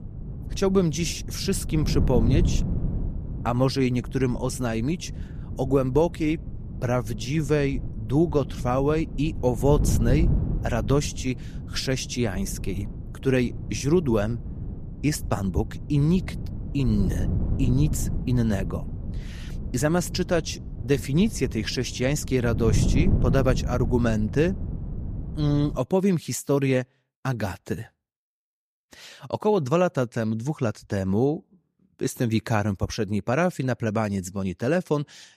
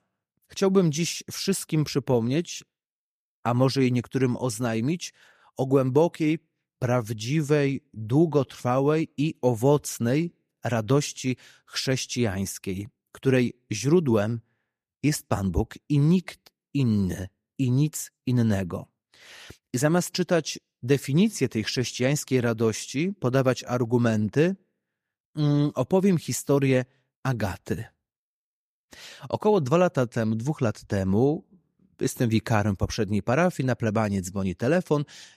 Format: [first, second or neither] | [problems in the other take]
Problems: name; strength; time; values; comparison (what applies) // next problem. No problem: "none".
second | wind noise on the microphone; occasional gusts; until 26 s; 15 dB below the speech